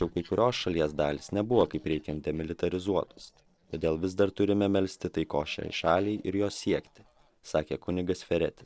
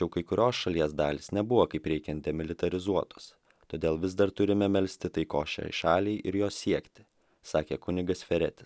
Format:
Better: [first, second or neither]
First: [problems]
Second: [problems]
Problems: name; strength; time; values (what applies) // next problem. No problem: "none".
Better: second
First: noise reduction (neural separator model SepFormer DNS4)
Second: none